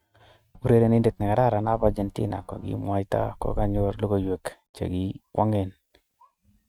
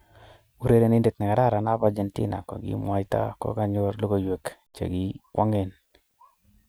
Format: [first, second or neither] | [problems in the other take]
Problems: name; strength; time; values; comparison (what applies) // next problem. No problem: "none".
second | noise reduction (neural mask model RNNoise)